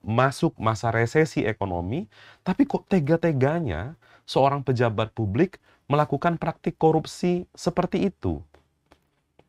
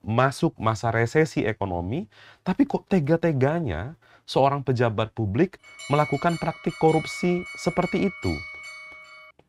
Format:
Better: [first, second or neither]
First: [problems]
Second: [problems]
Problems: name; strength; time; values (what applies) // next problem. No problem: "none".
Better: first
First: none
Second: alarm; noticeable; from 5.5 s on; peak 9 dB below the speech